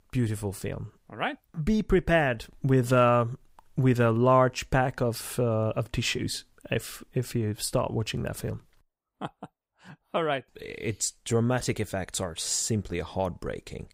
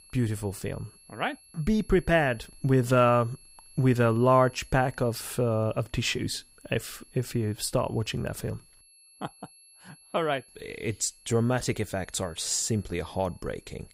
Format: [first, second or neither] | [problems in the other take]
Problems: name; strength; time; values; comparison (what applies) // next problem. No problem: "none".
first | high-pitched whine; faint; throughout; 11 kHz, 25 dB below the speech